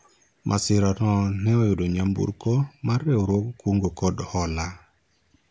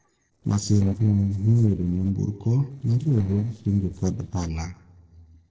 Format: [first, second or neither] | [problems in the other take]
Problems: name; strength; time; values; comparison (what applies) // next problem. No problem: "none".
first | noise reduction (neural separator model SepFormer DNS4)